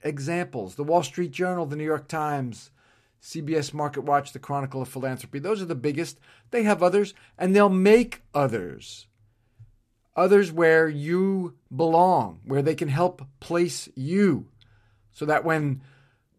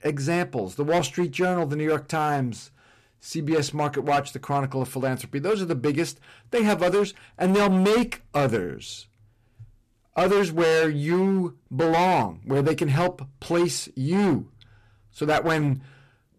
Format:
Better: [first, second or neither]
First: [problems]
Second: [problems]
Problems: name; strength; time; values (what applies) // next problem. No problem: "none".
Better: first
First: none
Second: distortion; heavy; 11% of the sound clipped